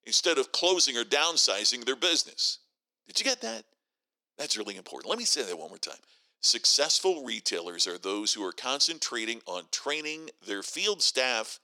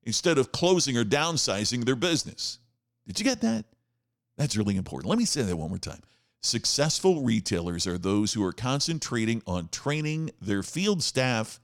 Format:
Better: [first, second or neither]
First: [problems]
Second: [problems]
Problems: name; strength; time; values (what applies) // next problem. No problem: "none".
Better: second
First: thin; very; fading below 350 Hz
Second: none